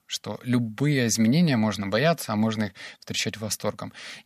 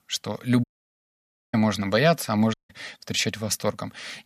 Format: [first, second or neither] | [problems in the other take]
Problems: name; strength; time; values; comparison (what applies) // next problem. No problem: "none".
first | audio cutting out; at 0.5 s for 1 s and at 2.5 s